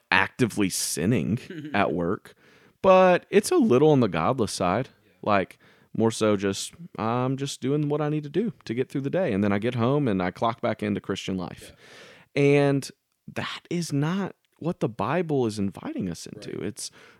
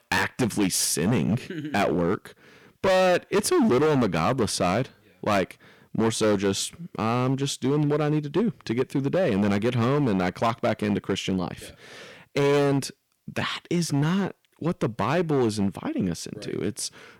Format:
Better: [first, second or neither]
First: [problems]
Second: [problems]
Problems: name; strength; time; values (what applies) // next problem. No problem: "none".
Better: first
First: none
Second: distortion; heavy; 11% of the sound clipped